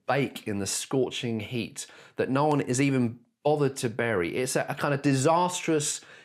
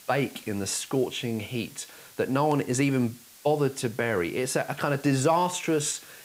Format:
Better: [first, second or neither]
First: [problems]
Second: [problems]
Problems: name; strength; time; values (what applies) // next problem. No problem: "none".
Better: first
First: none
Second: hiss; faint; throughout; 20 dB below the speech